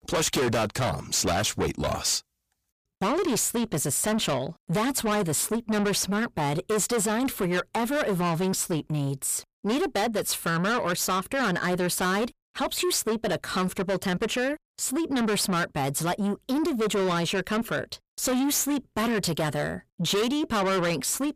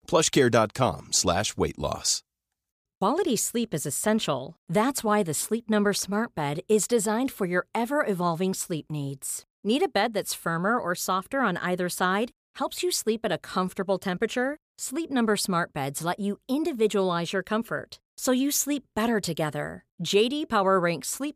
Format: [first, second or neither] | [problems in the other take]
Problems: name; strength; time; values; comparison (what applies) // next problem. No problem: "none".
second | distortion; heavy; 6 dB below the speech